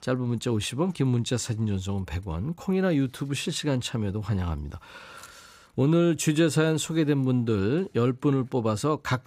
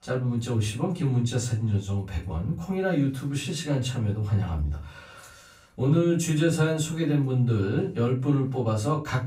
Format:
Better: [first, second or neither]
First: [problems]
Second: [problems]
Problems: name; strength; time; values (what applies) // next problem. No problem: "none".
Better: first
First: none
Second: room echo; slight; dies away in 0.3 s // off-mic speech; far